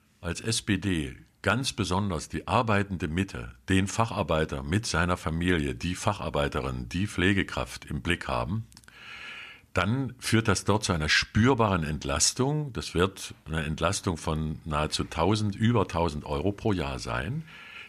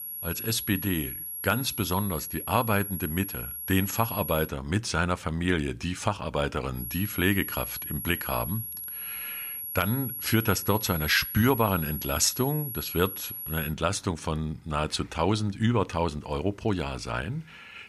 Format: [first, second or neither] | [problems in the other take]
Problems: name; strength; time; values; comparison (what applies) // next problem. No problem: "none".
first | high-pitched whine; loud; until 4.5 s and from 7 to 14 s; 11.5 kHz, 5 dB below the speech